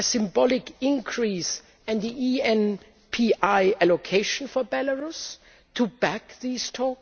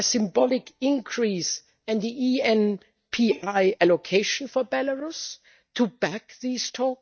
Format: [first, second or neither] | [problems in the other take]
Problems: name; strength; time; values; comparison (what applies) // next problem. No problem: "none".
first | noise reduction (neural mask model DeepFilterNet 3)